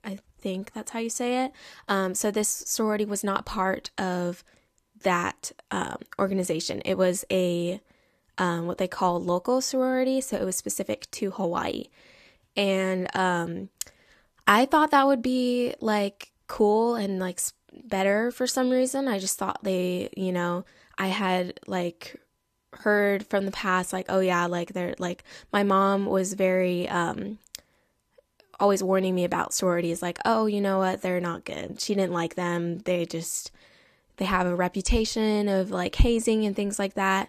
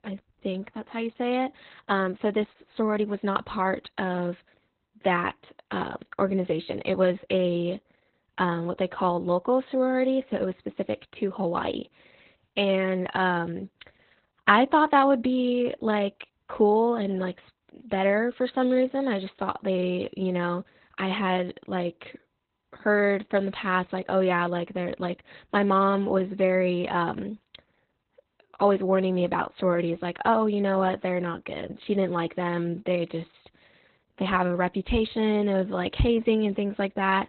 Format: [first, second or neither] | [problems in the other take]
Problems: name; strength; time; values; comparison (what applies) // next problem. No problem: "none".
first | garbled, watery; badly; nothing above 4 kHz